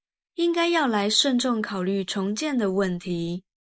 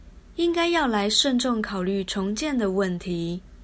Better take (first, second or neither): second